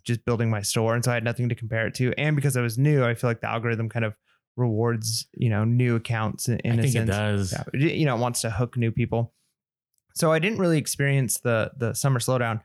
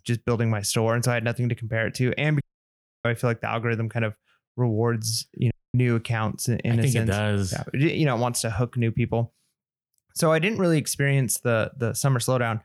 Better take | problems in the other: first | audio cutting out; at 2.5 s for 0.5 s and at 5.5 s

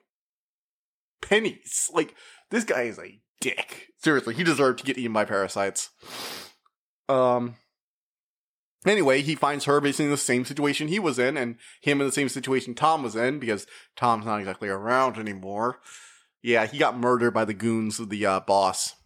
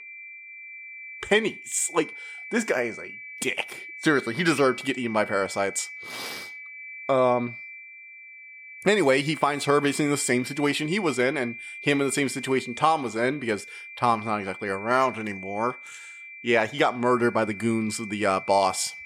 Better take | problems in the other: first | high-pitched whine; noticeable; throughout; 2.5 kHz, 15 dB below the speech

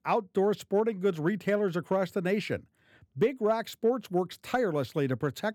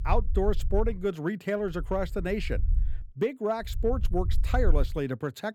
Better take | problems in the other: first | low rumble; faint; at the start, from 1.5 to 3 s and from 3.5 to 5 s; 20 dB below the speech

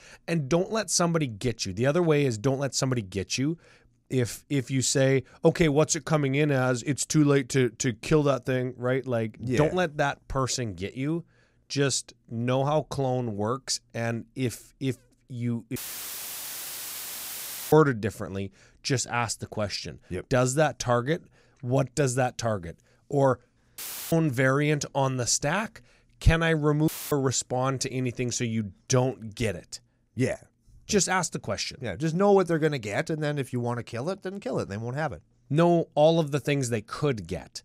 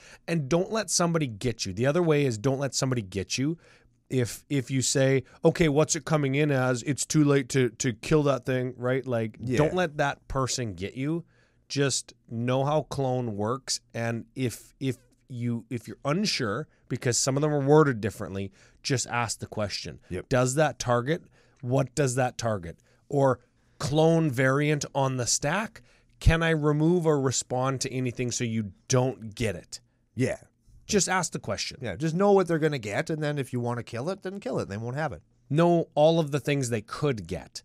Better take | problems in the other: second | audio cutting out; filled with static; at 16 s for 2 s, at 24 s and at 27 s

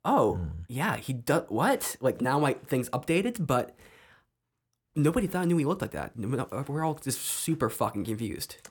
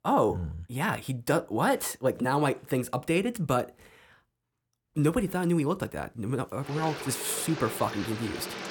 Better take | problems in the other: first | rain or running water; loud; from 6.5 s on; 9 dB below the speech

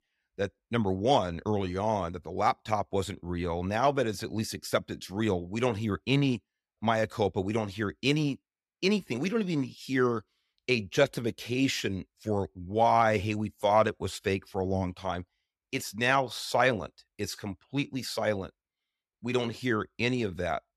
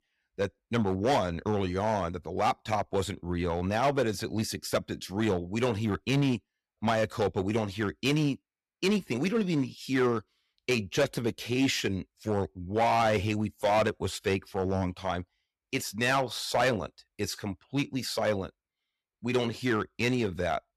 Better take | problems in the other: first | distortion; slight; 5% of the sound clipped

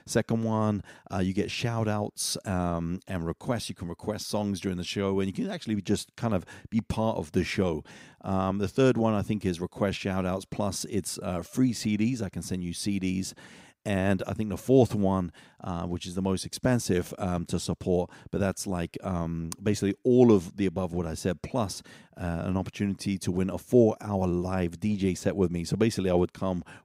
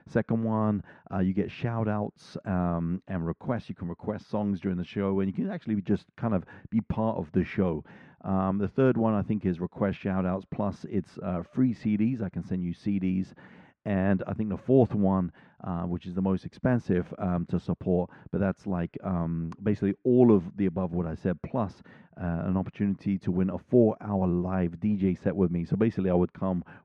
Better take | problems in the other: first | muffled; very; fading above 1.5 kHz

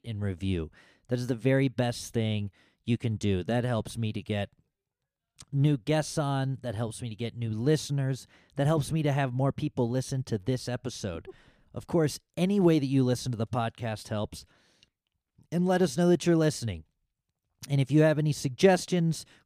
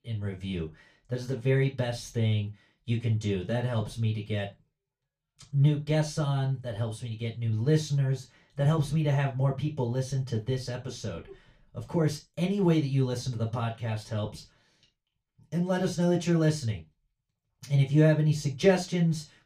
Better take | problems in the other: first | room echo; very slight; dies away in 0.2 s // off-mic speech; far

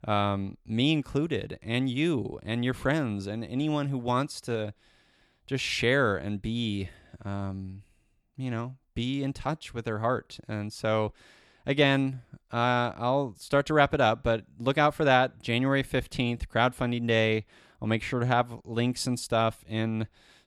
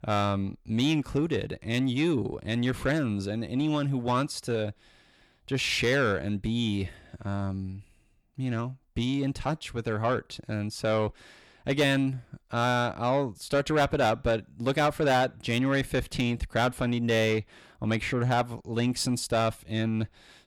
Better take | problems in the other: first | distortion; slight; 10 dB below the speech

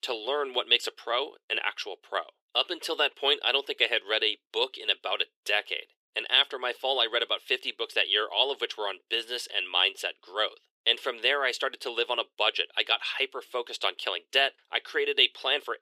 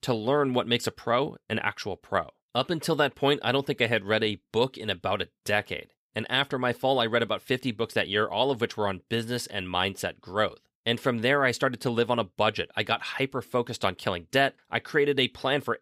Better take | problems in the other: second | thin; very; fading below 350 Hz

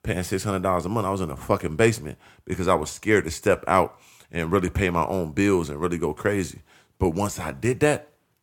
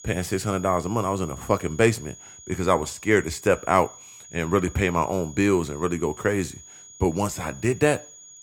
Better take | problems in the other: first | high-pitched whine; noticeable; throughout; 6.5 kHz, 20 dB below the speech

